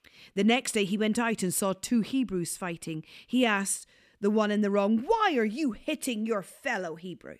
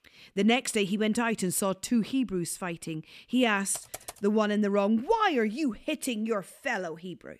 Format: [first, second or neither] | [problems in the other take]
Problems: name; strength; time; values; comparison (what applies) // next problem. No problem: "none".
first | keyboard typing; faint; at 3.5 s; peak 15 dB below the speech